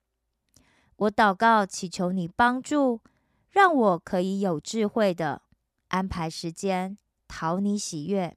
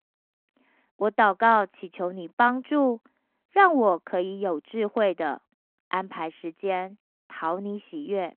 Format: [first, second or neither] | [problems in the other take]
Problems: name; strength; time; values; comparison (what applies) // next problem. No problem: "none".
first | phone-call audio